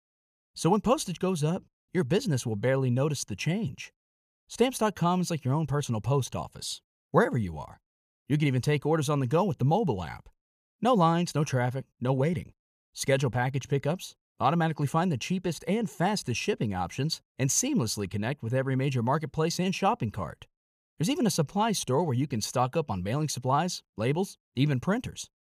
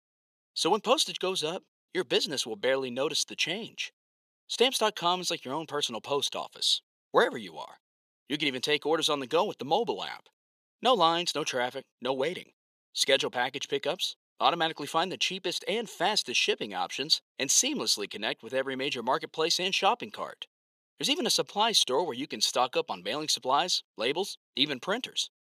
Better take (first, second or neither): first